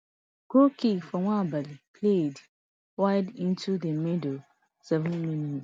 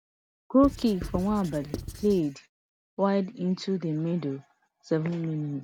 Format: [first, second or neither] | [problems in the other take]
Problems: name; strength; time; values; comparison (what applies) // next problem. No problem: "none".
first | background sound (Writing); 10 dB below the speech